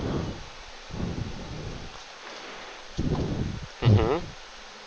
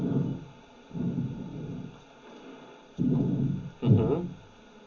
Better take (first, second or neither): first